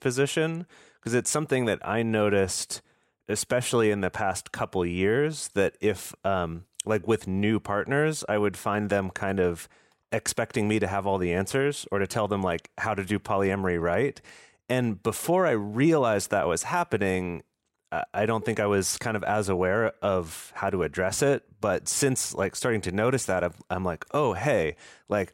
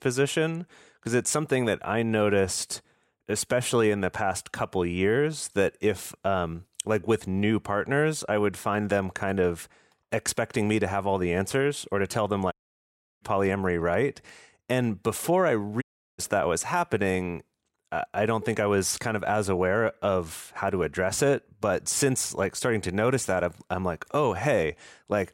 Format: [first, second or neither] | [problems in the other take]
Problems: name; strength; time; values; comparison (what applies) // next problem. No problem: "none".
first | audio cutting out; at 13 s for 0.5 s and at 16 s